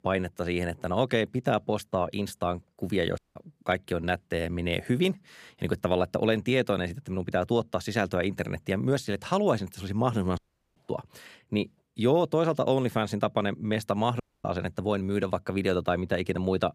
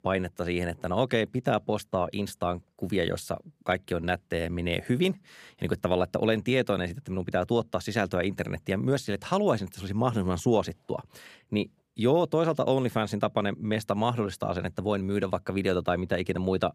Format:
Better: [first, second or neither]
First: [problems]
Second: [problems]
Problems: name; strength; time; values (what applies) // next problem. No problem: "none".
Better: second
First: audio cutting out; at 3 s, at 10 s and at 14 s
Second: none